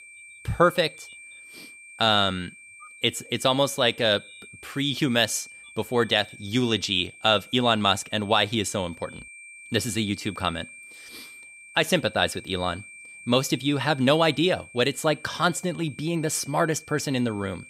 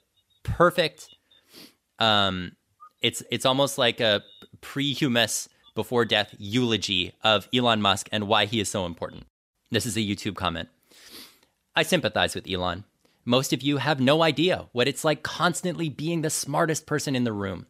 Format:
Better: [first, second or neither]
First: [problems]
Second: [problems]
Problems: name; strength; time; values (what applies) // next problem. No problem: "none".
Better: second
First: high-pitched whine; noticeable; throughout; 2.5 kHz, 20 dB below the speech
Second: none